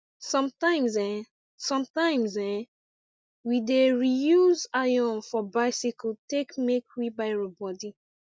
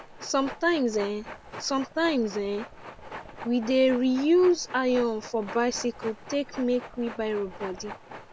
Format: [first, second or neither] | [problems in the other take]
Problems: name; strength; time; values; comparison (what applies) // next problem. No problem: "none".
first | background sound (Train); 15 dB below the speech